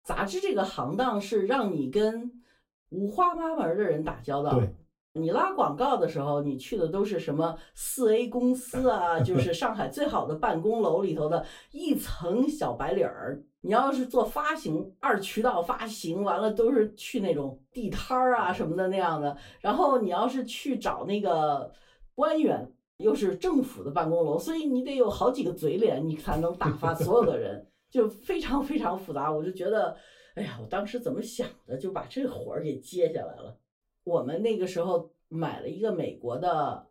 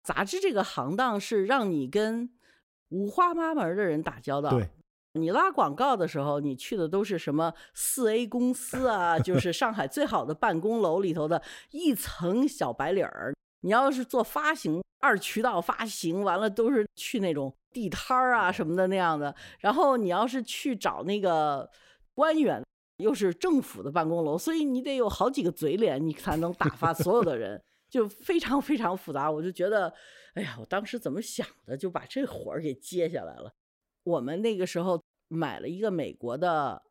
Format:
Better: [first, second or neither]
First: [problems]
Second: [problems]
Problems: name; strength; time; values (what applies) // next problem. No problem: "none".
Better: second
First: off-mic speech; far // room echo; very slight; dies away in 0.2 s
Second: none